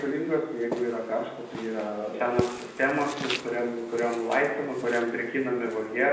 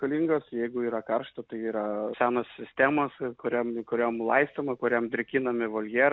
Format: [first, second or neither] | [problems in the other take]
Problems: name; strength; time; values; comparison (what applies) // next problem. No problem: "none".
second | background sound (Walk, footsteps); 12 dB below the speech // room echo; dies away in 0.9 s